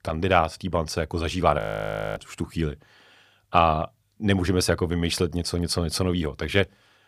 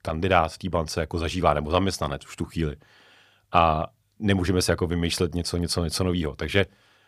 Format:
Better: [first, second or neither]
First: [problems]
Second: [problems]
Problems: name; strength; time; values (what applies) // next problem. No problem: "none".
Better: second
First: audio freezing; at 1.5 s for 0.5 s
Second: none